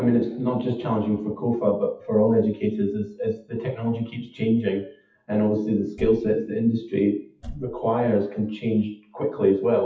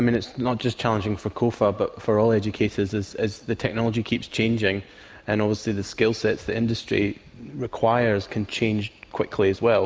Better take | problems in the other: second | noise reduction (classical method WPE with log-MMSE)

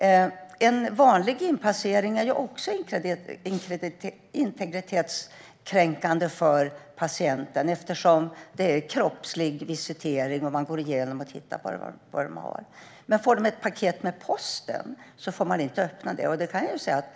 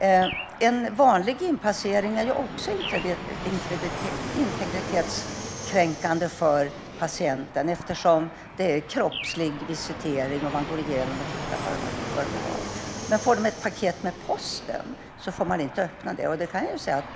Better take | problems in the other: first | background sound (Fixed-wing aircraft, airplane + Bird); 9 dB below the speech

